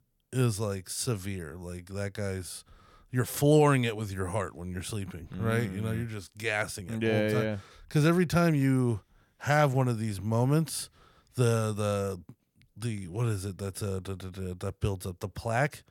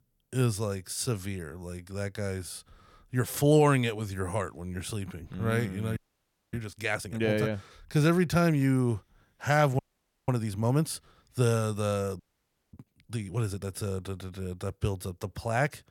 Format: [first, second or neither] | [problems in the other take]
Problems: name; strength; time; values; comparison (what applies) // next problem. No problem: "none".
first | audio freezing; at 6 s for 0.5 s, at 10 s and at 12 s for 0.5 s